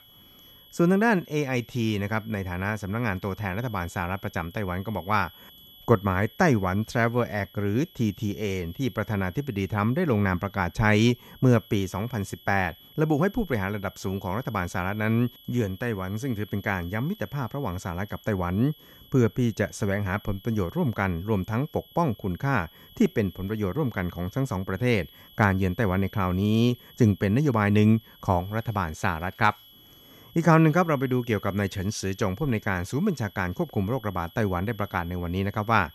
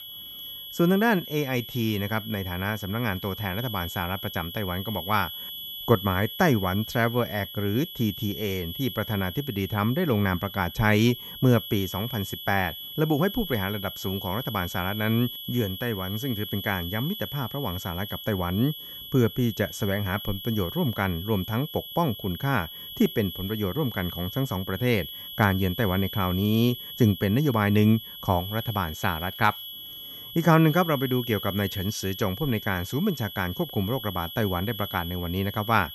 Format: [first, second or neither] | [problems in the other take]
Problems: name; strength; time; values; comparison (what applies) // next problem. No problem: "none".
first | high-pitched whine; loud; throughout; 3.5 kHz, 9 dB below the speech; faint in the first